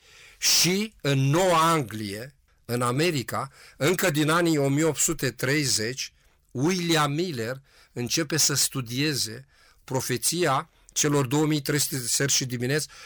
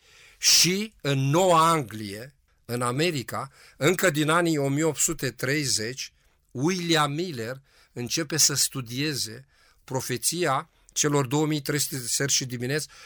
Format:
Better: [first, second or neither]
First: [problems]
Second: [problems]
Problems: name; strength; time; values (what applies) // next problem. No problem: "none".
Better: second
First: distortion; slight; 7% of the sound clipped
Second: none